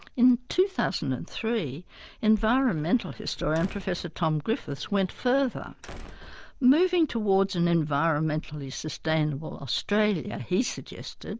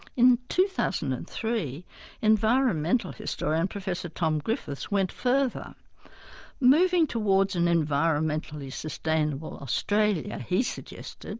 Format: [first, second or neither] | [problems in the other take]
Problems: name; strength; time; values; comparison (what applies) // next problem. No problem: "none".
second | background sound (Squeak / Slam / Wood); 20 dB below the speech